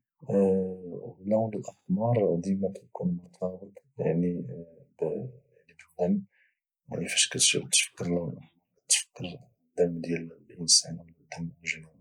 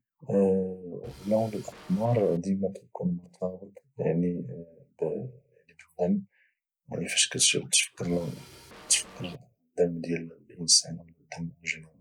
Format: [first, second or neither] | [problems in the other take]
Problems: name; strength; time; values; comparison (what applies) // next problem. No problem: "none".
first | background sound (Drum kit); 19 dB below the speech